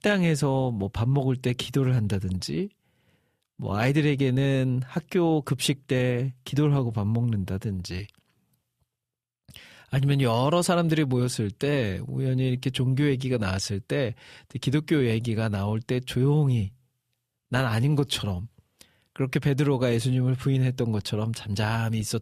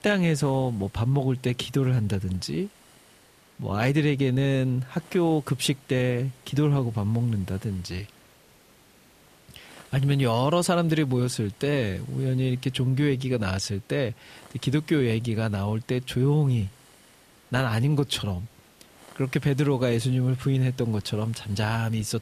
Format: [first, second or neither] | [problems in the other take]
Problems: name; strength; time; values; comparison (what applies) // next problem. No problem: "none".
first | hiss; faint; throughout; 25 dB below the speech